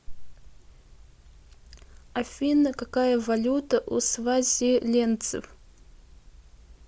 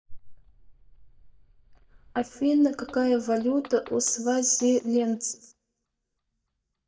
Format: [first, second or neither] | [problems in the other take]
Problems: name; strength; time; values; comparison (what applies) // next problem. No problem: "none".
first | noise reduction (neural mask model DeepFilterNet 3)